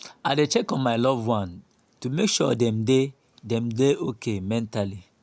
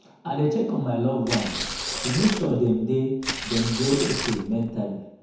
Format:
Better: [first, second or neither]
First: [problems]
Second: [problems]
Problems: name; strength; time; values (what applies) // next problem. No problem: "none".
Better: first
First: none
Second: background sound (Tearing); 6 dB below the speech // room echo; dies away in 1 s